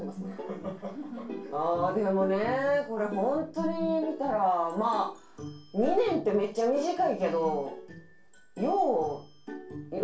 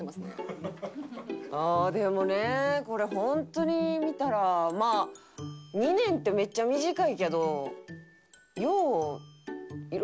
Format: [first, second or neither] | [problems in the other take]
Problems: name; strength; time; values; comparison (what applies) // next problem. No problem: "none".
second | room echo; dies away in 0.3 s